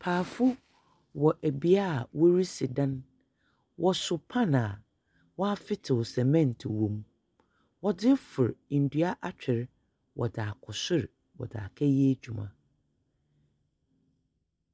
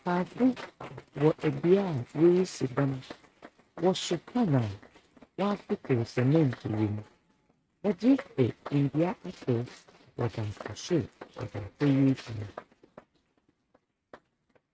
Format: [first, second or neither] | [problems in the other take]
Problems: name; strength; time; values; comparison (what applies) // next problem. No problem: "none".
first | noise reduction (neural mask model RNNoise)